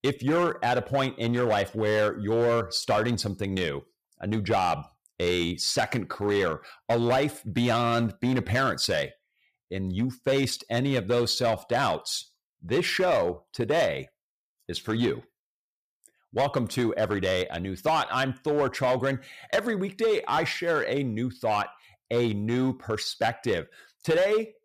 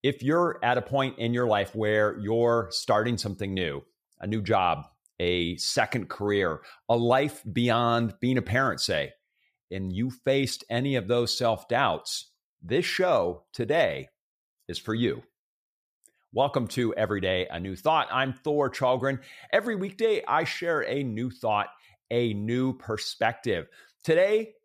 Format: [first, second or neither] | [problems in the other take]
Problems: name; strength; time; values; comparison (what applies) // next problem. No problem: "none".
second | distortion; slight; 7% of the sound clipped